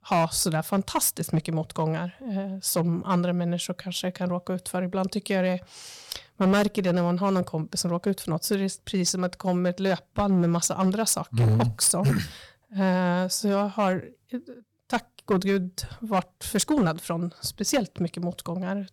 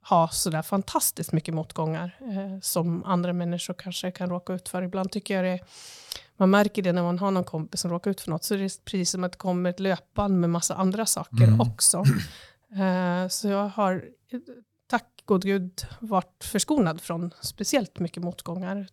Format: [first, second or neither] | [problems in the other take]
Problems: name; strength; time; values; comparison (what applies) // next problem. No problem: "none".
second | distortion; slight; 5% of the sound clipped